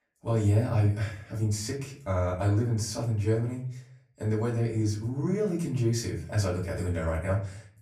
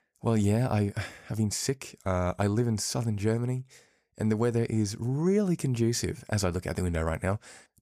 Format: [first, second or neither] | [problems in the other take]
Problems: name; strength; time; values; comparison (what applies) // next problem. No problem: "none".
second | room echo; slight; dies away in 0.4 s // off-mic speech; far